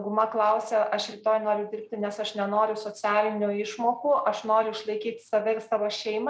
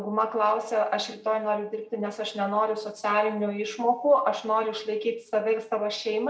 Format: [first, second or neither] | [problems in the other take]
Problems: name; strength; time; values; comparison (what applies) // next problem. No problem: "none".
first | room echo; dies away in 0.4 s